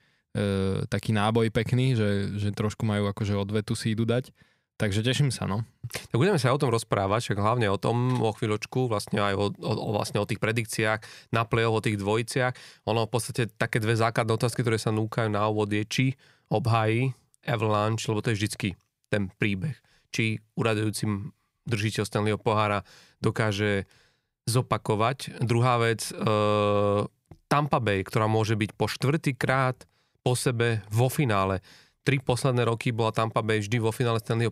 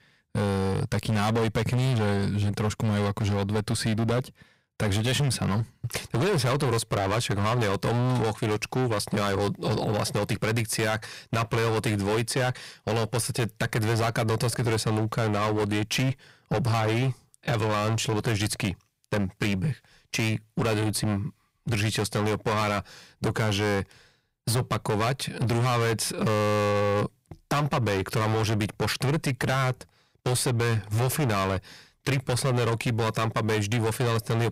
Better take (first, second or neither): first